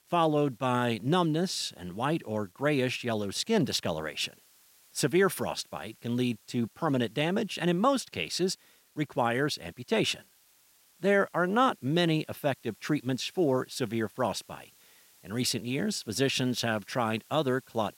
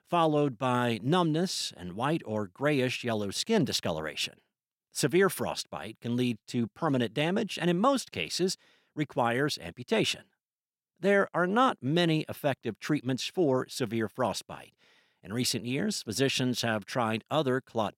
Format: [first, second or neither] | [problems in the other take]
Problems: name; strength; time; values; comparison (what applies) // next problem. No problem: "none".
second | hiss; faint; throughout; 30 dB below the speech